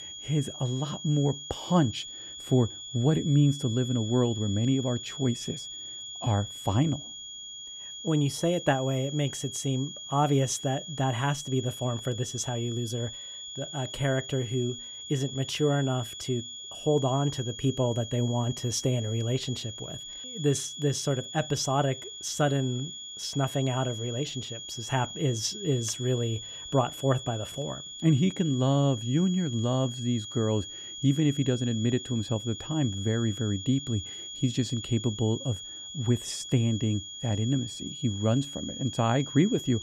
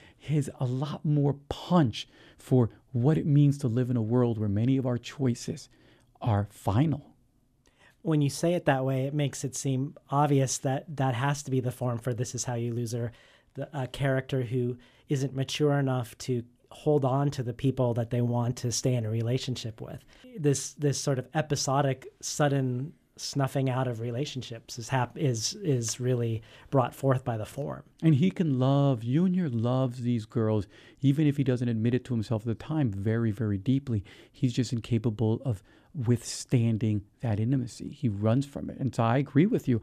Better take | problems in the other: second | high-pitched whine; loud; throughout; 3.5 kHz, 9 dB below the speech

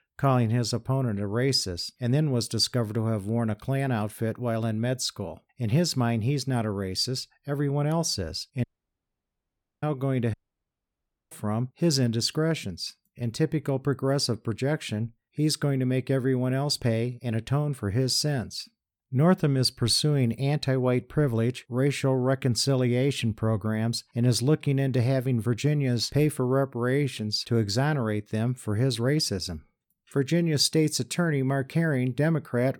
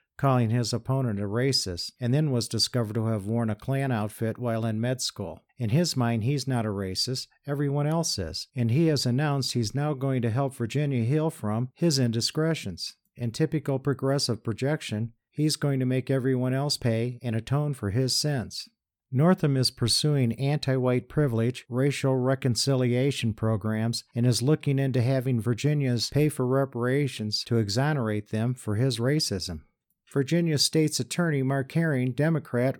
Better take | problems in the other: second | audio cutting out; at 8.5 s for 1 s and at 10 s for 1 s

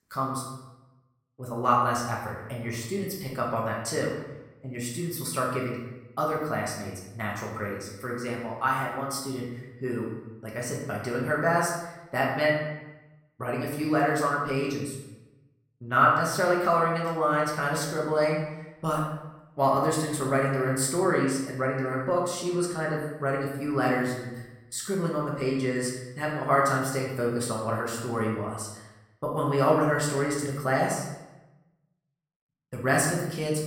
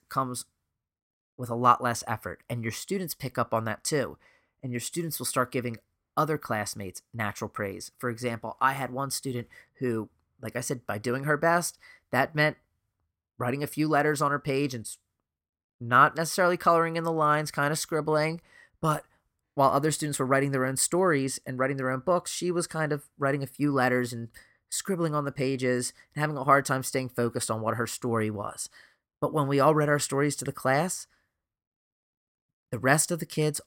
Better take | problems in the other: second | room echo; noticeable; dies away in 0.9 s // off-mic speech; far

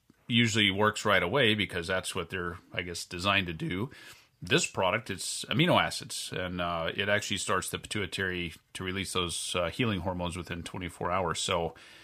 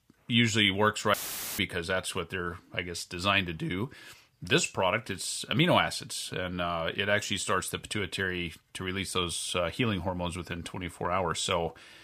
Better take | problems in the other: first | audio cutting out; filled with static; at 1 s

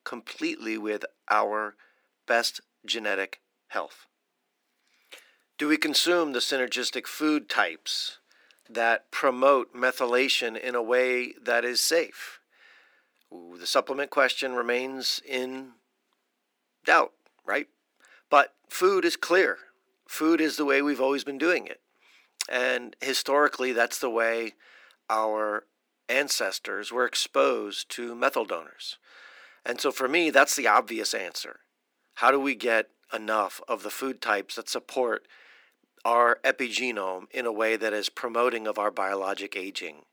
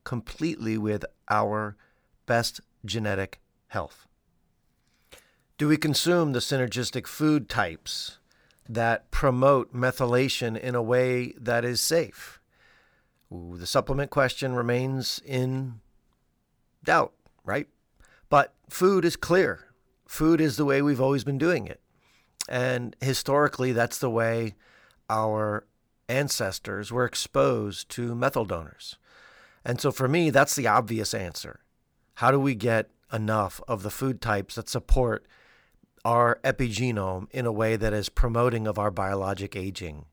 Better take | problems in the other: second | thin; somewhat; fading below 300 Hz

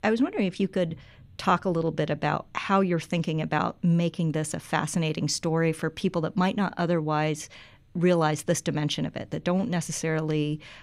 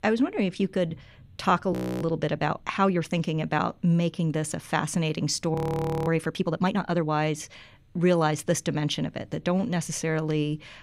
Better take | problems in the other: first | audio freezing; at 1.5 s and at 5.5 s for 0.5 s

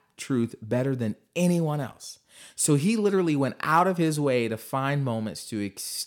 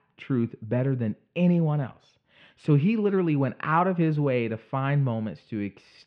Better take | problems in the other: first | muffled; very; fading above 3 kHz

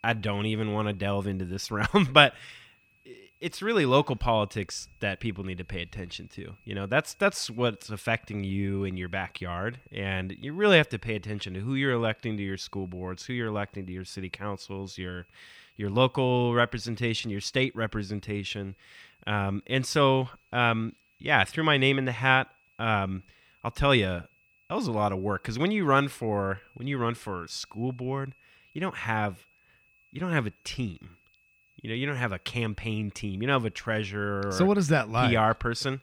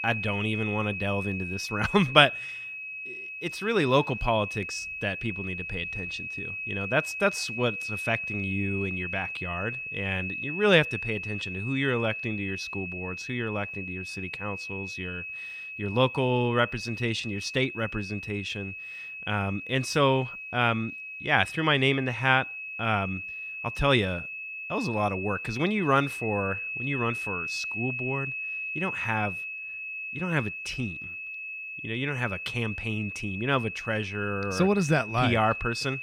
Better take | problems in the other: first | high-pitched whine; loud; throughout; 2.5 kHz, 6 dB below the speech; faint in the first

